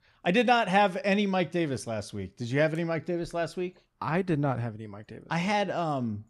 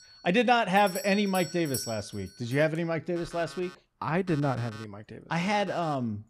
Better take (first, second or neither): first